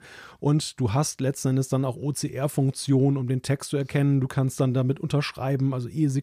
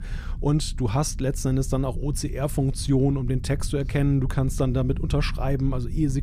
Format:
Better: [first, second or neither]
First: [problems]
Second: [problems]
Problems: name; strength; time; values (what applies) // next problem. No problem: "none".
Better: first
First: none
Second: low rumble; noticeable; throughout; 20 dB below the speech